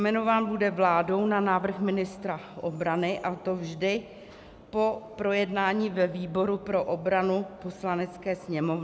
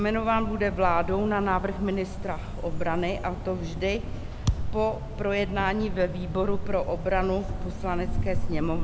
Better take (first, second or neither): first